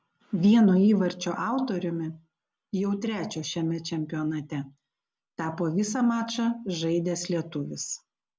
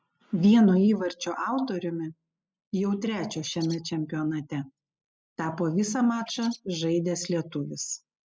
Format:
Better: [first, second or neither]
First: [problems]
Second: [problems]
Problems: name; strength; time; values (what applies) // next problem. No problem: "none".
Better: first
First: none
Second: noise reduction (classical method spectral subtraction)